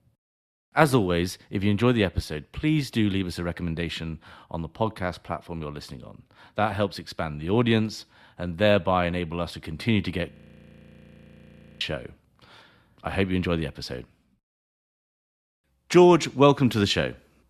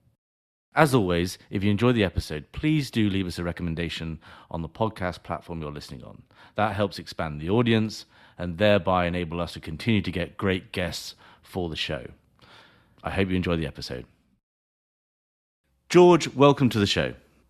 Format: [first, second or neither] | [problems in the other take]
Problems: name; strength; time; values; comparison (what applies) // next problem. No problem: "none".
second | audio freezing; at 10 s for 1.5 s